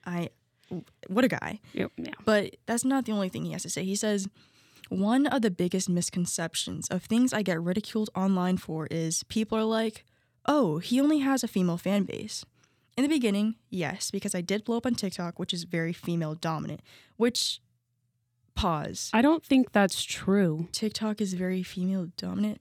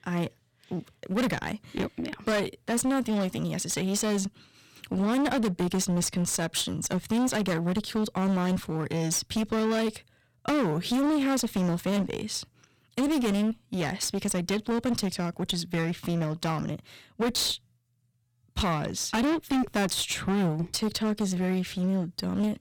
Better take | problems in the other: first | distortion; heavy; 20% of the sound clipped

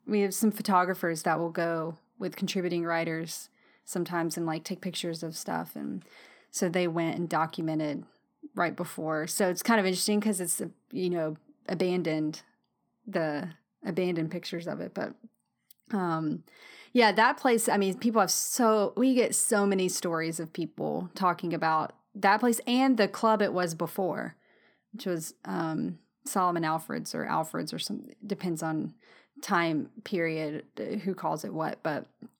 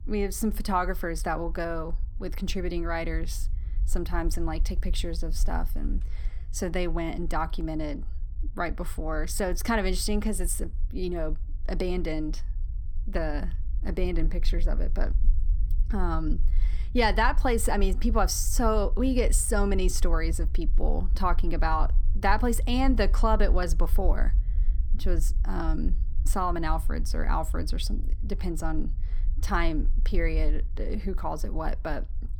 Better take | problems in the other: first | low rumble; faint; throughout; 25 dB below the speech

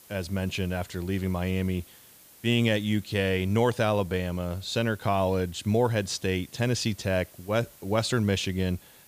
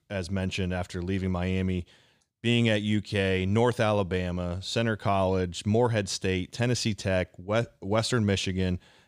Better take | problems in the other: second | hiss; faint; throughout; 25 dB below the speech

